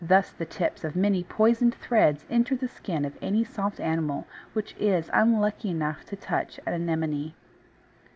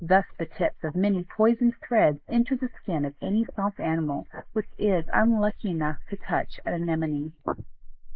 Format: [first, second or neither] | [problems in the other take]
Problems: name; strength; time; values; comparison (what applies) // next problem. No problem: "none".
first | noise reduction (neural mask model Resemble Enhance denoiser)